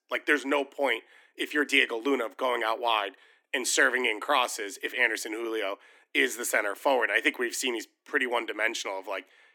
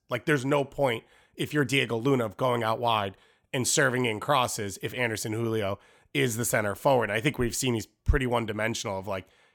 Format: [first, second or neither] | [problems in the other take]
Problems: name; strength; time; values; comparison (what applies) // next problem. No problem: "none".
second | thin; somewhat; fading below 250 Hz